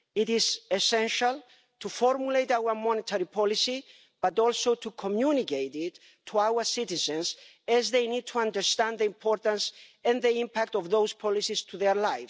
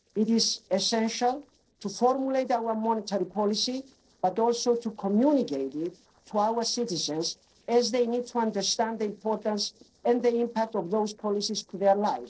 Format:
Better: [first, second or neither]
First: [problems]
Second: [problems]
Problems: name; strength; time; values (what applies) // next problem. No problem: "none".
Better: first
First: none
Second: noise reduction (neural separator model SepFormer DNS4)